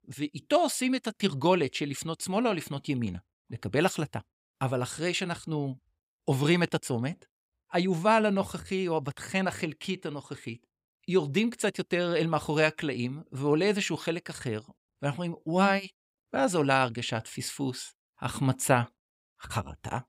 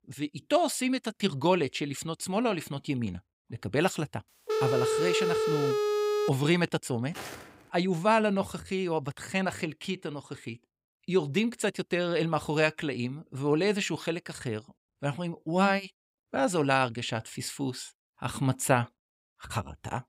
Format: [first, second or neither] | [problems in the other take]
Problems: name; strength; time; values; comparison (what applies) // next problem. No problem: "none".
first | phone ringing; loud; from 4.5 to 6.5 s; peak 2 dB above the speech // footsteps; faint; at 7 s; peak 10 dB below the speech